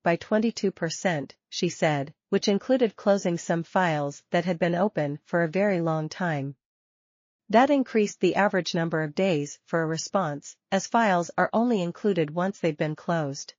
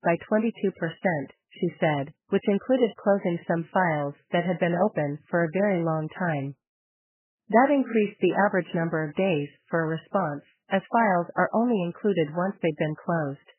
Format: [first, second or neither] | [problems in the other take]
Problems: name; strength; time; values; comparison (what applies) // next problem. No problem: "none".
first | garbled, watery; badly; nothing above 3 kHz; slightly in the first